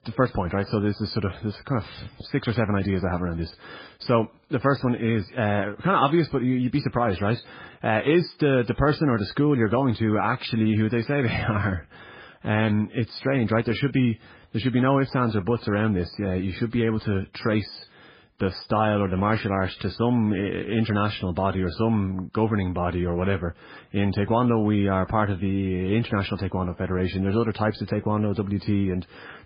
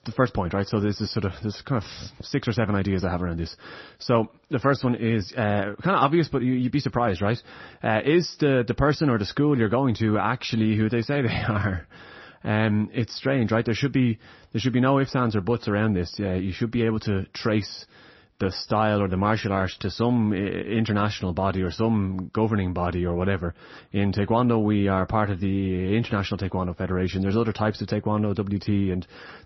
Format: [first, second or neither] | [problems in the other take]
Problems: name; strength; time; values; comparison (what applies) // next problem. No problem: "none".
second | garbled, watery; badly; nothing above 5 kHz; slightly in the second